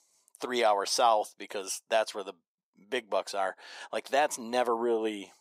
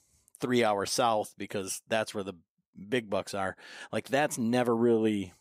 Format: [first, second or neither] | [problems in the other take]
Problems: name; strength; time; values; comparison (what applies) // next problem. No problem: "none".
second | thin; somewhat; fading below 400 Hz